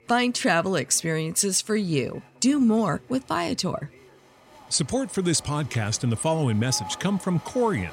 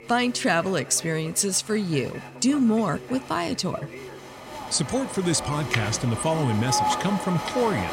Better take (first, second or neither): first